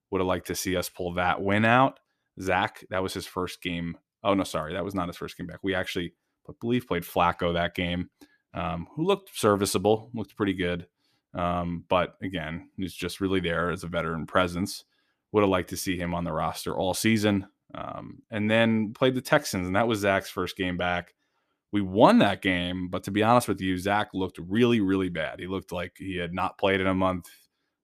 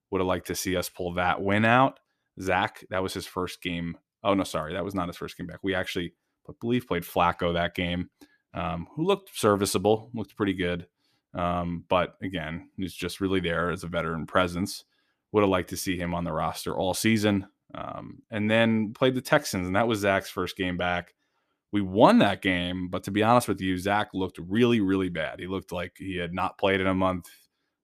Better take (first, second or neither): neither